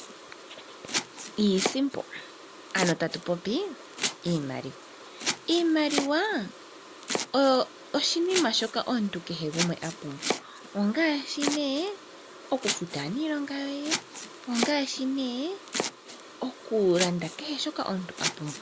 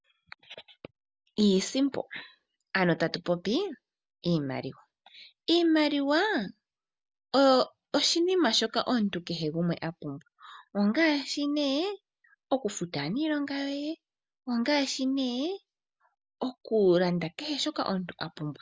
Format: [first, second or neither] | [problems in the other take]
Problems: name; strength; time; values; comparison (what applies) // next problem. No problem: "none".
second | background sound (Domestic sounds, home sounds); 7 dB below the speech